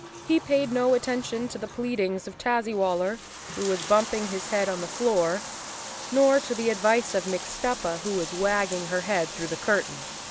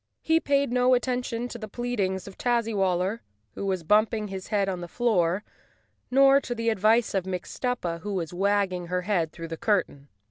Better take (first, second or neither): second